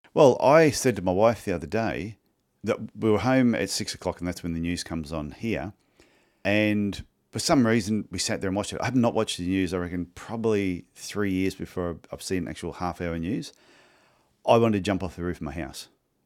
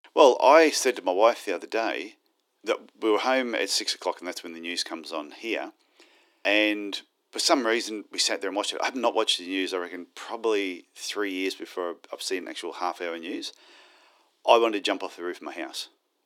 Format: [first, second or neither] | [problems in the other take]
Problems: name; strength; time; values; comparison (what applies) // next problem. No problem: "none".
first | thin; somewhat; fading below 300 Hz